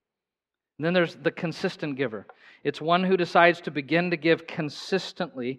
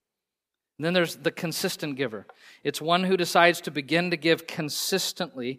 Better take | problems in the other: second | muffled; slightly; fading above 3 kHz

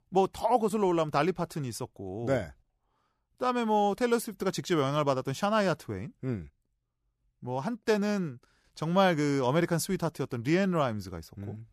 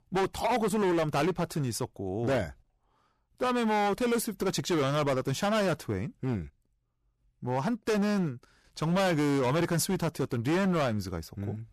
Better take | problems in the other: first | distortion; heavy; 16% of the sound clipped

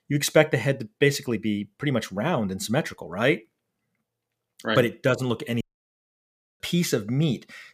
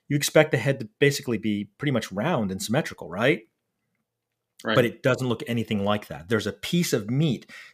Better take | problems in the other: second | audio cutting out; at 5.5 s for 1 s

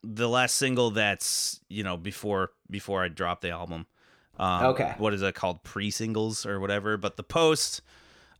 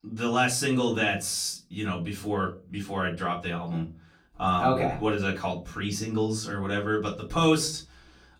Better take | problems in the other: first | off-mic speech; far // room echo; very slight; dies away in 0.3 s

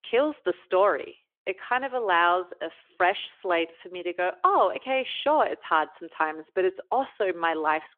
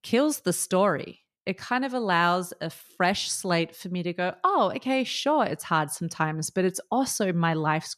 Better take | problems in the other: second | phone-call audio; nothing above 3.5 kHz

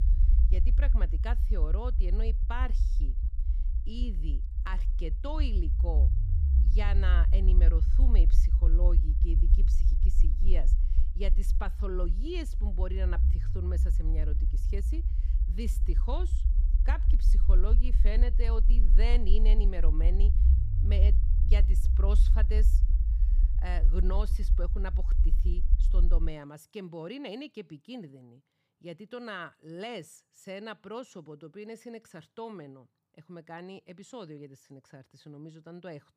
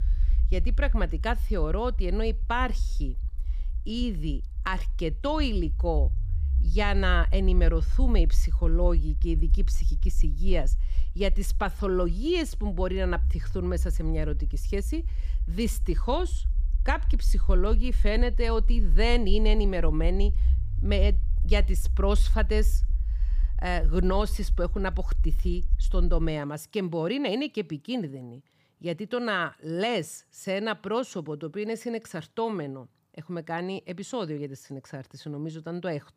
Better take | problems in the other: second | low rumble; loud; until 26 s; 7 dB below the speech; faint in the second

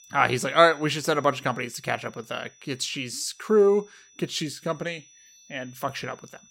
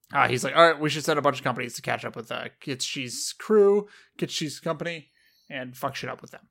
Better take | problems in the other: second | high-pitched whine; faint; throughout; 6 kHz, 25 dB below the speech

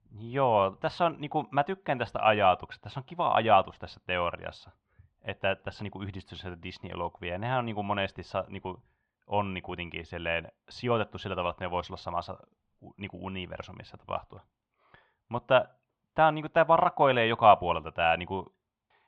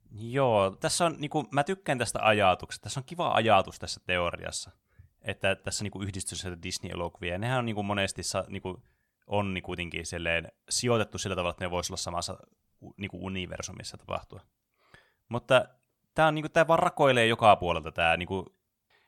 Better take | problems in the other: second | muffled; very; fading above 3.5 kHz

